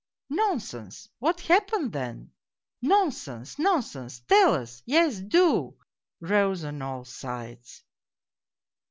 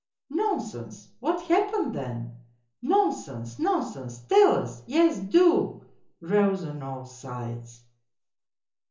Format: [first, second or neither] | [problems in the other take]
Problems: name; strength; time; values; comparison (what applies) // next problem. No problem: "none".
first | room echo; dies away in 0.8 s